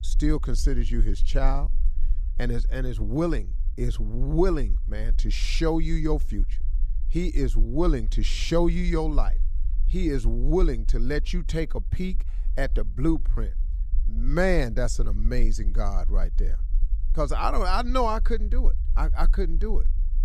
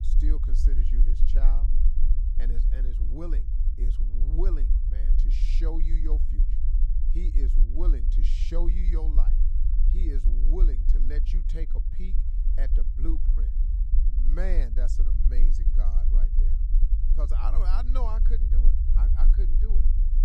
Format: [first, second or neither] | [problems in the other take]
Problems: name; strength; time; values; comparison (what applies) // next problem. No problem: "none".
first | low rumble; loud; throughout; 6 dB below the speech; faint in the first